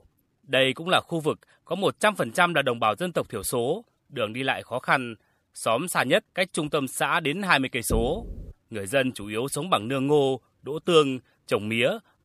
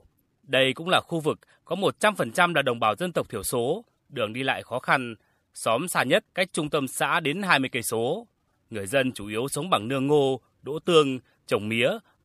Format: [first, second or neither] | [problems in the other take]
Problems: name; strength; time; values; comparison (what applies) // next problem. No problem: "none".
second | door banging; noticeable; at 8 s; peak 7 dB below the speech